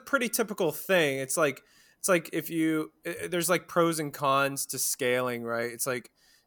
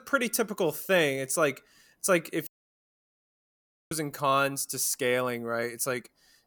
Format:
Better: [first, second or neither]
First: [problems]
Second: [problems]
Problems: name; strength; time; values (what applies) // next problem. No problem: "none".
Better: first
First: none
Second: audio cutting out; at 2.5 s for 1.5 s